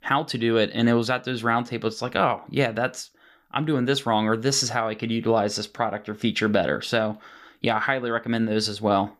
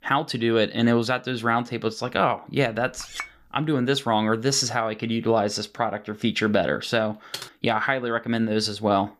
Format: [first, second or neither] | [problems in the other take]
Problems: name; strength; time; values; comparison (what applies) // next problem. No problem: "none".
first | clattering dishes; faint; at 3 s; peak 10 dB below the speech // keyboard typing; faint; at 7.5 s; peak 10 dB below the speech